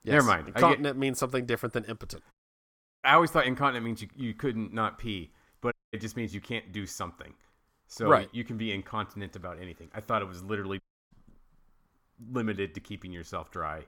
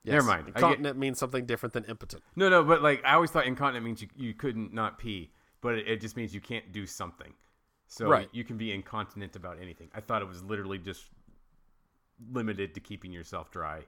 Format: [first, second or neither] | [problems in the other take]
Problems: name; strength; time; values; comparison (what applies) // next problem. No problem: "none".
second | audio cutting out; at 2.5 s for 0.5 s, at 5.5 s and at 11 s